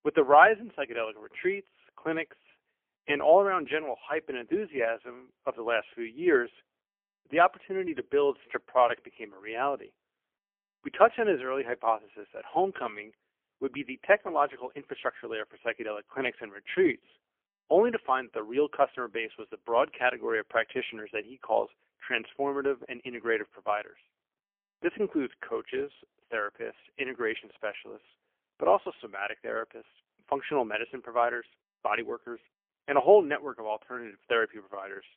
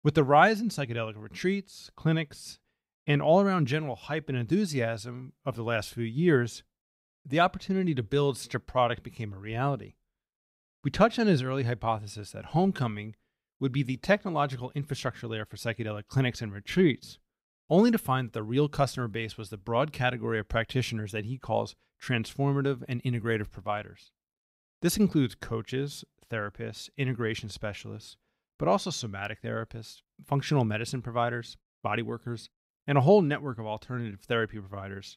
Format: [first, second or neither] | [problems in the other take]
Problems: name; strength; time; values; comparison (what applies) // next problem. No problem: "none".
second | phone-call audio; poor line; nothing above 3 kHz